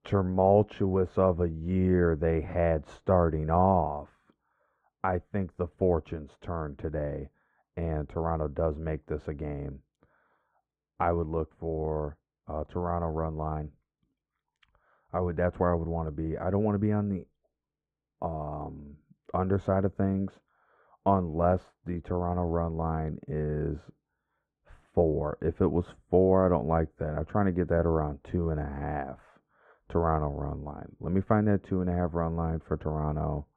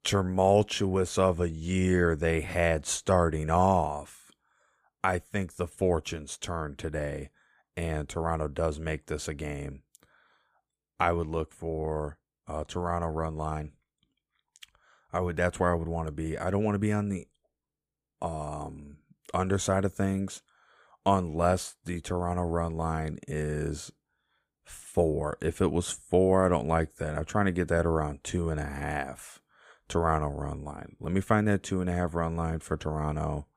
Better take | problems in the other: second | muffled; very; fading above 3.5 kHz

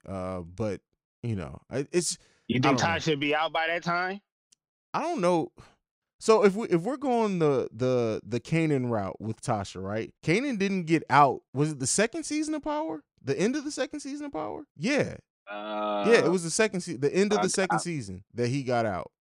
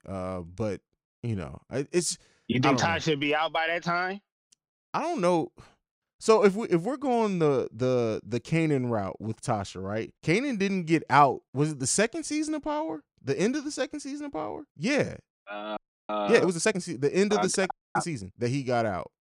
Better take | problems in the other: first | audio freezing; at 16 s and at 18 s

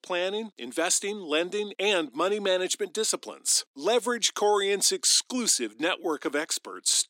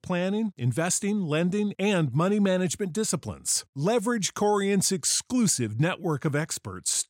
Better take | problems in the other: second | thin; somewhat; fading below 300 Hz

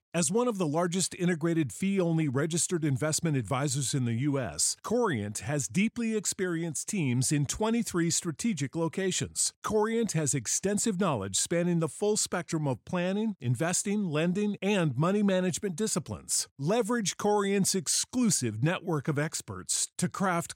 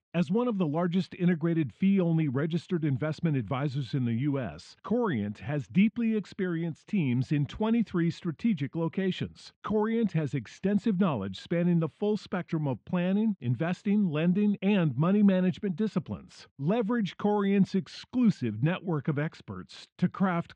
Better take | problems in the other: first | muffled; very; fading above 3 kHz

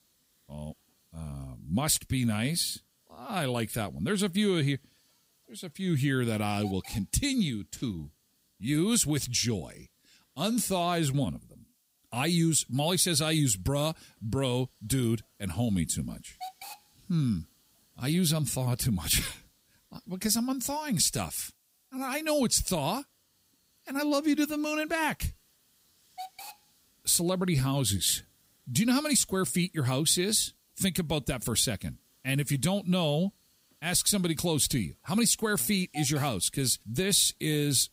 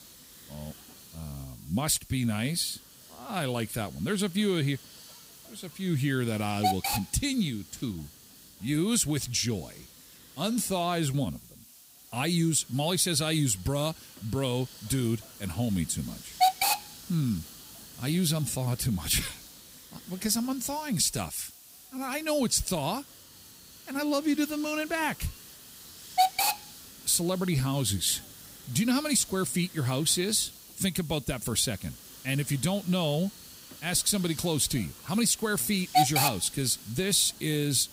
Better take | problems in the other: first | hiss; loud; throughout; 7 dB below the speech; faint in the first

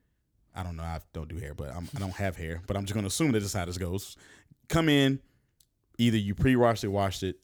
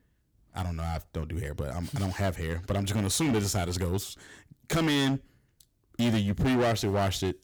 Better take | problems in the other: first | distortion; heavy; 12% of the sound clipped

